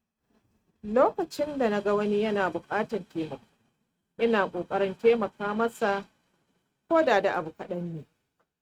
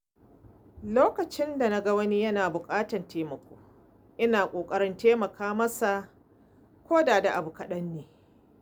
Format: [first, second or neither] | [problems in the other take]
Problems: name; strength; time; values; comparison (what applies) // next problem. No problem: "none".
second | noise reduction (neural mask model RNNoise)